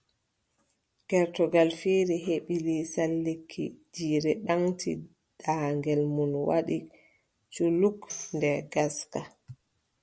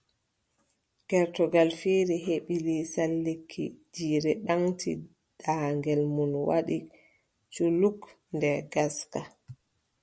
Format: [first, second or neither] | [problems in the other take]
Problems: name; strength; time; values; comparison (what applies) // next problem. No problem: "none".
second | background sound (Tambourine); 17 dB below the speech